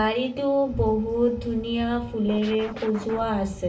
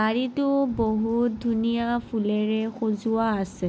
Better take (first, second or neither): second